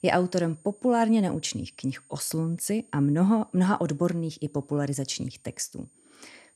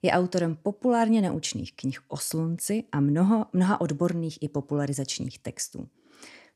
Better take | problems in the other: second | high-pitched whine; faint; throughout; 8.5 kHz, 30 dB below the speech

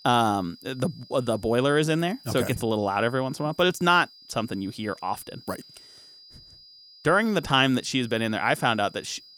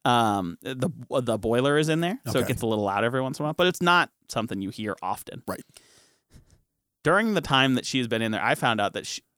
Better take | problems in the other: second | high-pitched whine; faint; throughout; 5 kHz, 25 dB below the speech

